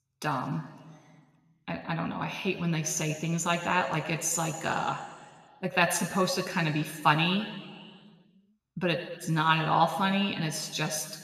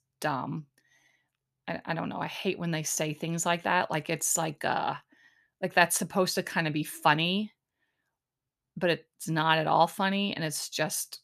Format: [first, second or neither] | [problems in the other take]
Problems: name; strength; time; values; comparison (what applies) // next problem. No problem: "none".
second | room echo; slight; dies away in 1.6 s